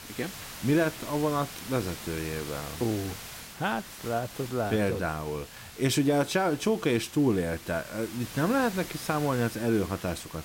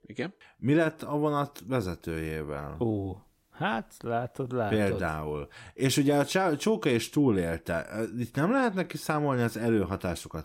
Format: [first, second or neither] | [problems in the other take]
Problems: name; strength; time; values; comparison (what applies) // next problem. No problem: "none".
second | hiss; noticeable; throughout; 10 dB below the speech